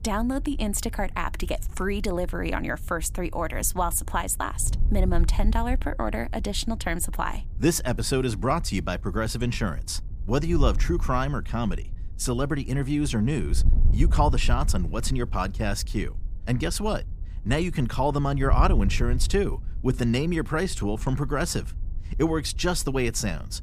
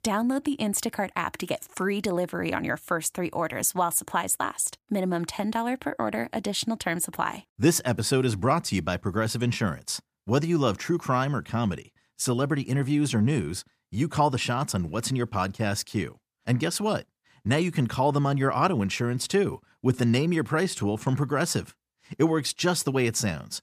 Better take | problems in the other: second | wind noise on the microphone; occasional gusts; 20 dB below the speech

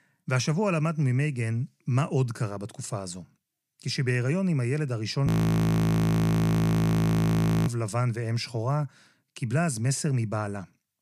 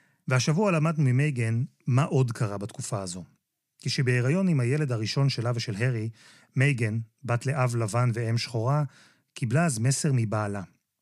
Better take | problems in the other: second | audio freezing; at 5.5 s for 2.5 s

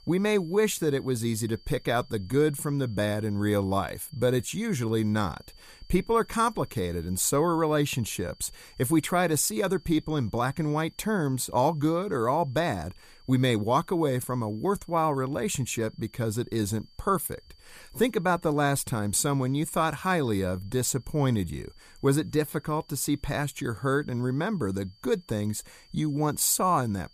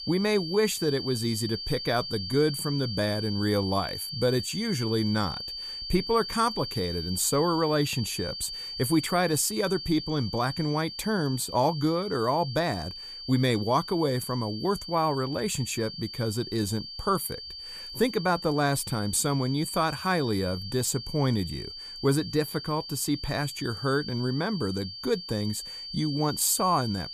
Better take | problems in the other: first | high-pitched whine; loud; throughout; 4.5 kHz, 8 dB below the speech; faint in the first

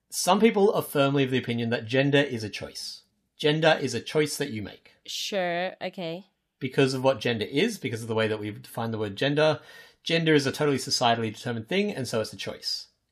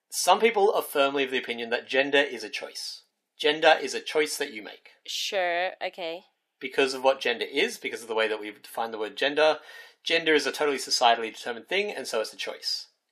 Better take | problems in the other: first | thin; somewhat; fading below 350 Hz

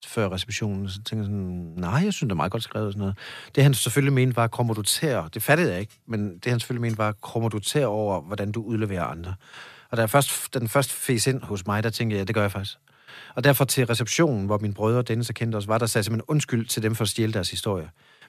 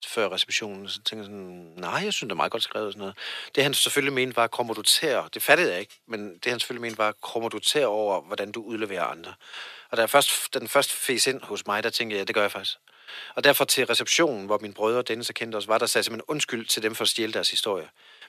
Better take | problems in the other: first | thin; somewhat; fading below 400 Hz

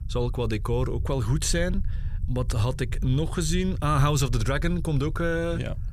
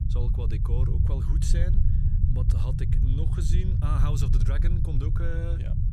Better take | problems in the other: first | low rumble; loud; throughout; 1 dB below the speech; faint in the first

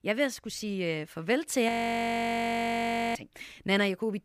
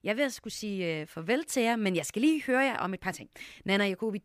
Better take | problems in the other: second | audio freezing; at 1.5 s for 1.5 s

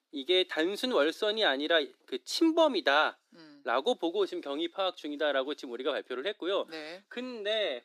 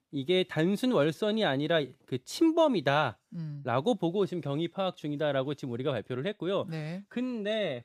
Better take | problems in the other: second | thin; somewhat; fading below 300 Hz

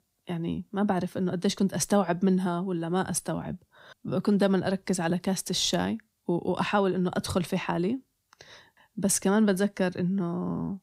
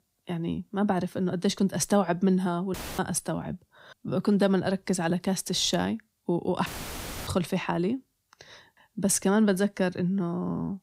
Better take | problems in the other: first | audio cutting out; filled with static; at 2.5 s and at 6.5 s for 0.5 s

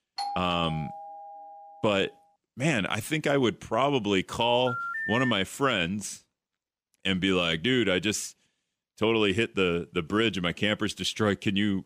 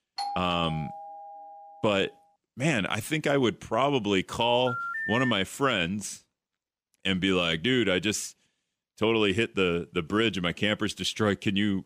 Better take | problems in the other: neither | doorbell; noticeable; until 1.5 s; peak 7 dB below the speech; the same in both // phone ringing; noticeable; at 4.5 s; peak 3 dB below the speech; the same in both

